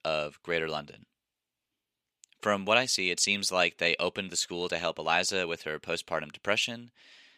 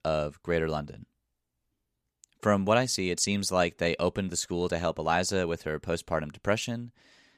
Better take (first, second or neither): second